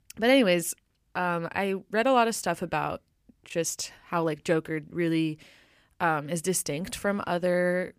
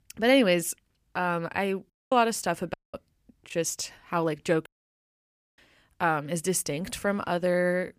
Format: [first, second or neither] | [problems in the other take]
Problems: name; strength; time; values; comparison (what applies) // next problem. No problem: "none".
first | audio cutting out; at 2 s, at 2.5 s and at 4.5 s for 1 s